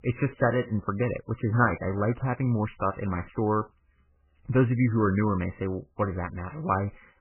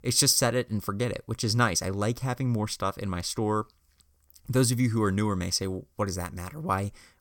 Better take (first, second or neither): second